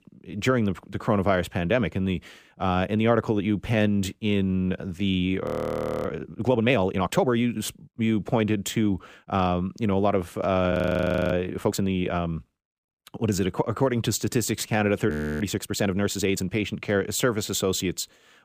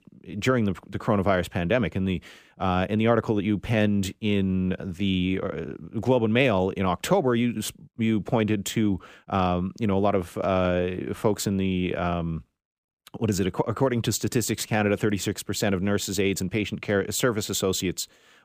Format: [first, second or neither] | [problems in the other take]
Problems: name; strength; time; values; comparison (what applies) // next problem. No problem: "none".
second | audio freezing; at 5.5 s for 0.5 s, at 11 s for 0.5 s and at 15 s